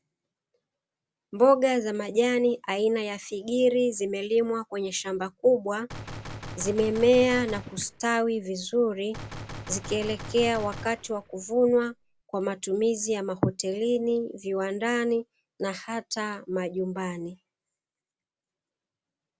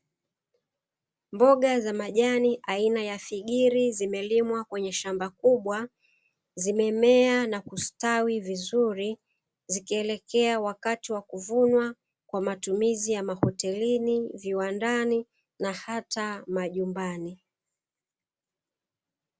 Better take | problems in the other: second | background sound (Gunshot, gunfire); 13 dB below the speech

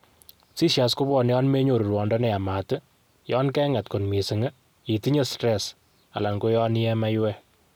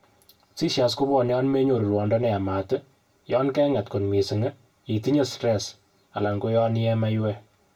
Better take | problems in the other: first | room echo; dies away in 0.2 s

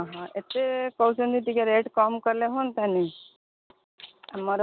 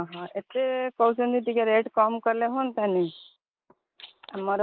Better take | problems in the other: first | noise reduction (neural mask model Resemble Enhance denoiser)

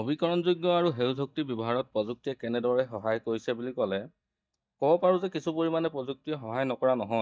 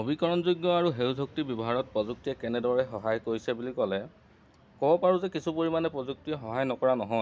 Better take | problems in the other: second | noise reduction (neural mask model DeepFilterNet 3)

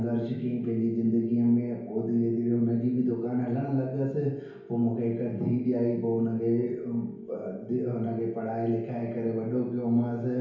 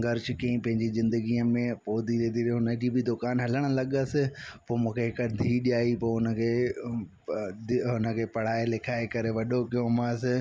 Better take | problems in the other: second | background sound (Telephone); 20 dB below the speech // room echo; dies away in 1 s

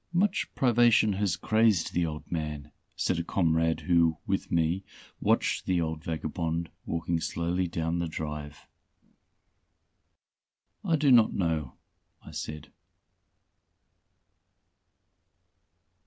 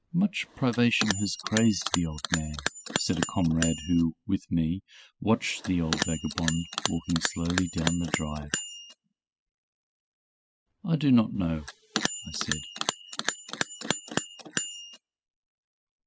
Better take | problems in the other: first | noise reduction (classical method spectral subtraction)

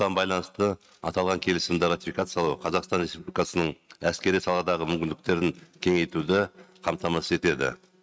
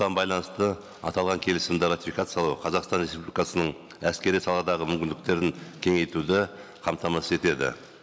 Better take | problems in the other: second | noise reduction (neural mask model RNNoise)

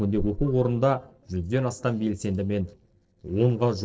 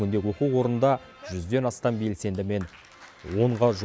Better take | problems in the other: second | noise reduction (neural separator model SepFormer DNS4)

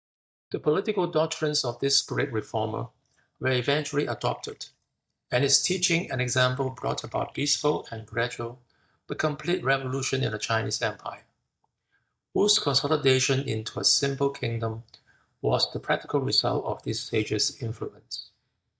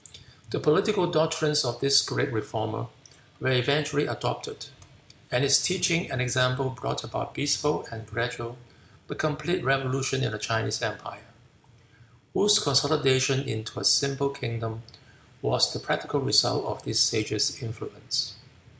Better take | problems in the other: second | noise reduction (neural mask model DeepFilterNet 3)

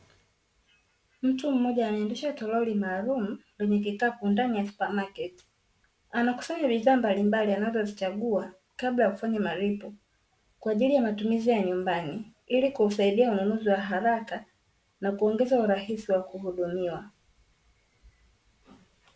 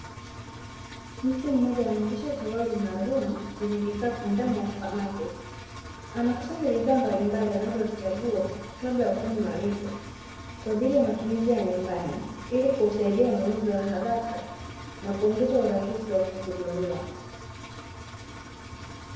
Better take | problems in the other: first | background sound (Engine); 13 dB below the speech // room echo; dies away in 0.9 s

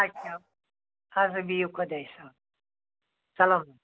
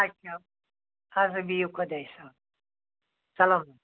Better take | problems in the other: second | background sound (Bark); 15 dB below the speech

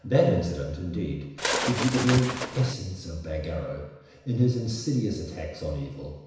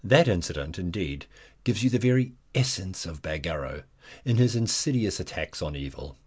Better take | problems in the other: second | background sound (Bird); 2 dB below the speech // room echo; dies away in 1 s

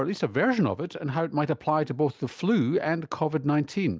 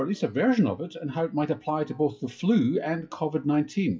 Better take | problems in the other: first | noise reduction (classical method WPE with log-MMSE)

